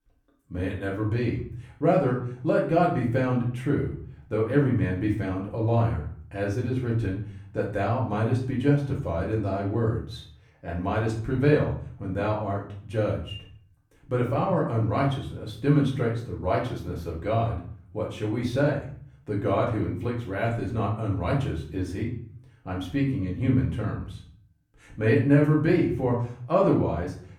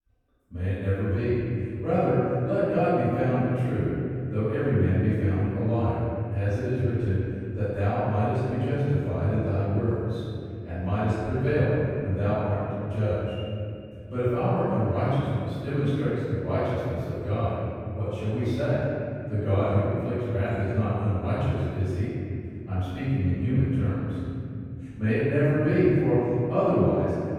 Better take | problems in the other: first | room echo; strong; dies away in 3 s; slight in the first // off-mic speech; far; far in the first

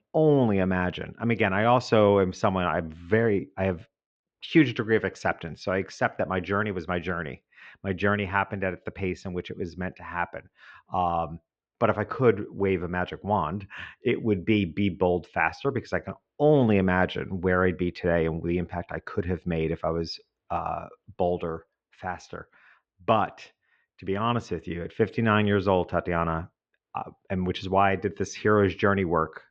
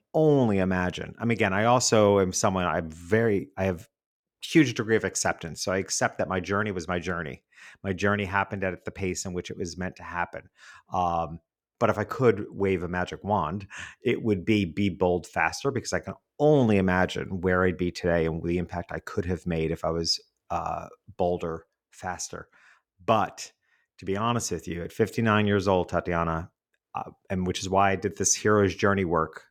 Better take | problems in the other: second | muffled; slightly; fading above 4 kHz

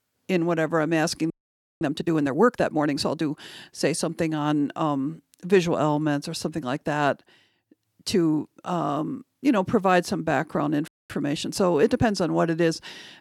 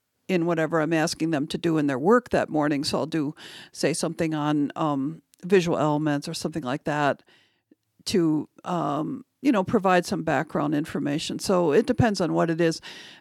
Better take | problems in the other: second | audio freezing; at 1.5 s for 0.5 s and at 11 s

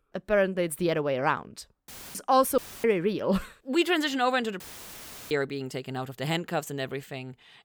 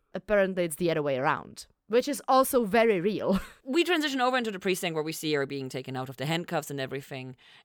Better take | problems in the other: second | audio cutting out; filled with static; at 2 s, at 2.5 s and at 4.5 s for 0.5 s

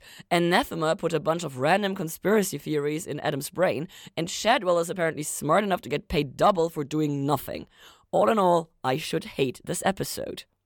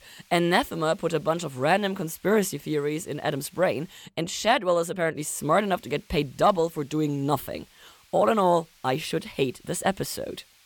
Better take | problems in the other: first | hiss; faint; until 4 s and from 5 s on; 30 dB below the speech

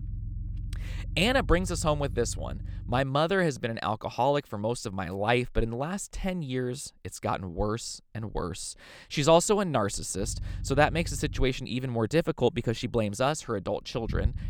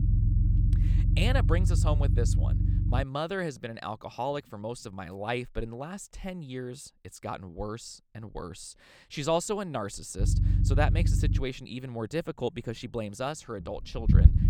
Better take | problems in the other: first | low rumble; loud; until 5 s and from 10 s on; 7 dB below the speech; faint in the first

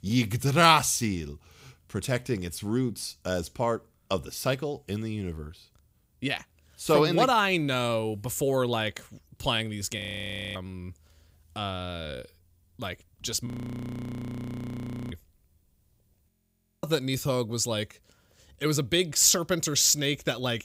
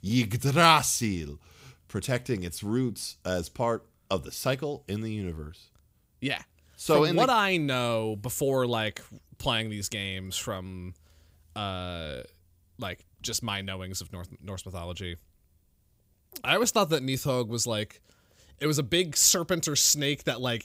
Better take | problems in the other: second | audio freezing; at 10 s for 0.5 s, at 13 s for 1.5 s and at 16 s for 0.5 s

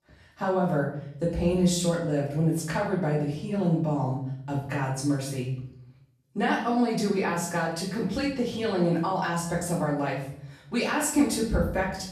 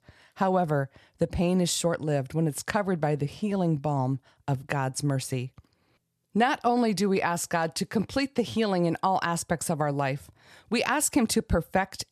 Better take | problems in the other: second | off-mic speech; far // room echo; noticeable; dies away in 0.6 s

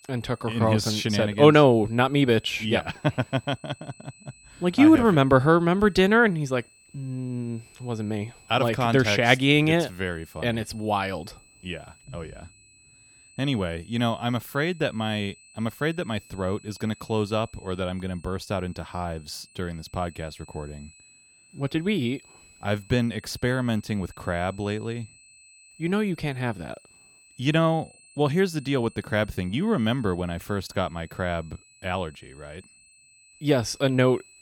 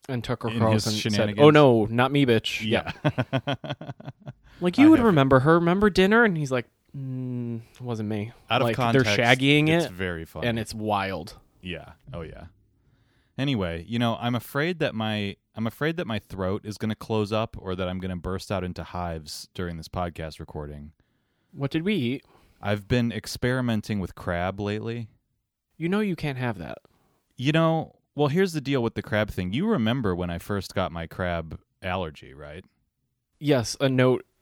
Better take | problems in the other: second | high-pitched whine; faint; throughout; 2.5 kHz, 25 dB below the speech

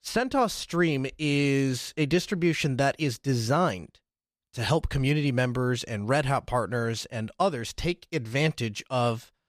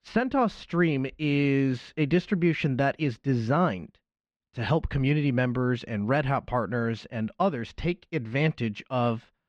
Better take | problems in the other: first | muffled; slightly; fading above 2.5 kHz

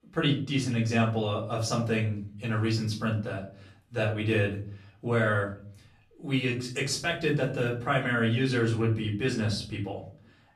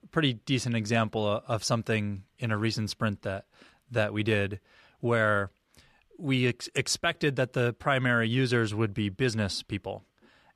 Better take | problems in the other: second | off-mic speech; far // room echo; slight; dies away in 0.4 s

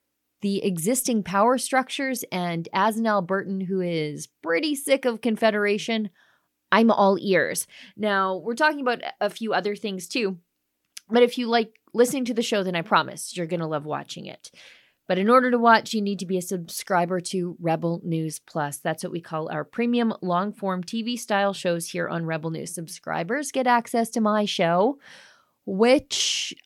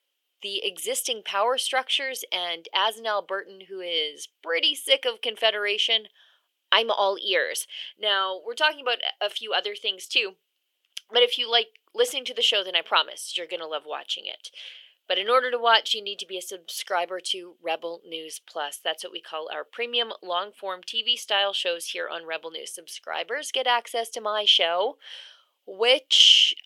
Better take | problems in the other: first | thin; very; fading below 450 Hz

